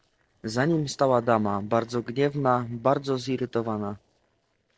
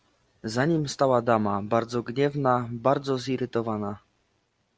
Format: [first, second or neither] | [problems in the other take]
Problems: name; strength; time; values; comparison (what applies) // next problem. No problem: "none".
second | noise reduction (neural separator model SepFormer DNS4)